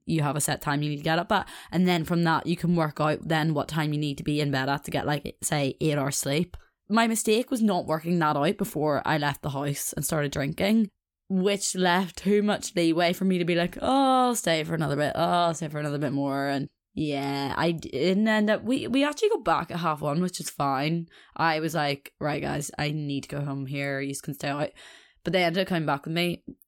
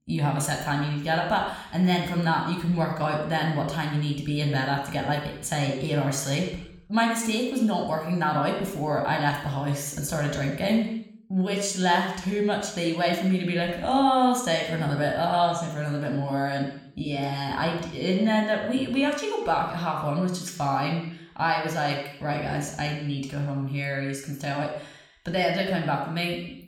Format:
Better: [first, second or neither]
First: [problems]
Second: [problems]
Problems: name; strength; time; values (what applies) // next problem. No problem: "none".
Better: first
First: none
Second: room echo; noticeable; dies away in 0.8 s // off-mic speech; somewhat distant